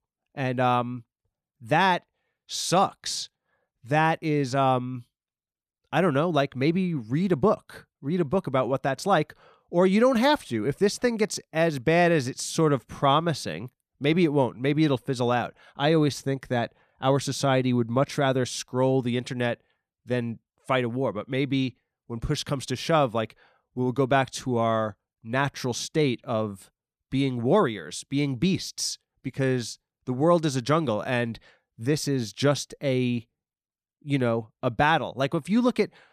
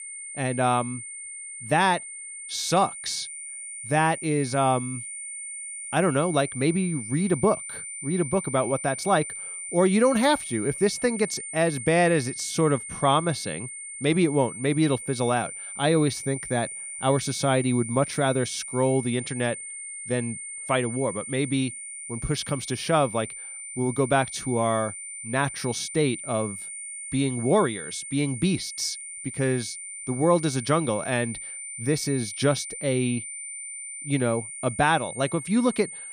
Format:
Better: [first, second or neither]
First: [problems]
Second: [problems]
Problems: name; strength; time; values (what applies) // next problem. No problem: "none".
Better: first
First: none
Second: high-pitched whine; loud; throughout; 9 kHz, 9 dB below the speech